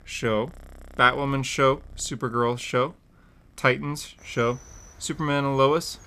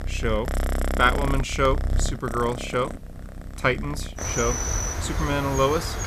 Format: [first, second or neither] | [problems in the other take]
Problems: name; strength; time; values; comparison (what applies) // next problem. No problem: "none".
first | animal sounds; loud; throughout; 3 dB below the speech; faint in the first